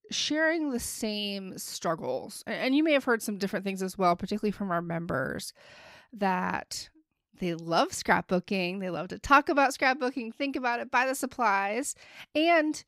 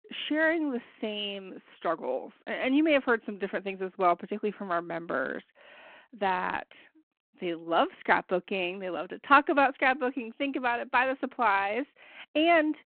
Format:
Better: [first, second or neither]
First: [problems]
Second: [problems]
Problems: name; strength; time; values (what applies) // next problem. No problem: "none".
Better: first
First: none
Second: phone-call audio